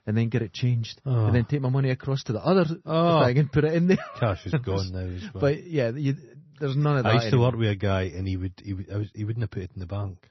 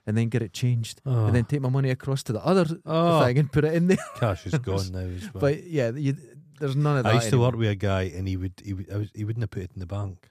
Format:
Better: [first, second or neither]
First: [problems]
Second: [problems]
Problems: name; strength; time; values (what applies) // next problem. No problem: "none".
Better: second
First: garbled, watery; slightly; nothing above 6 kHz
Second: none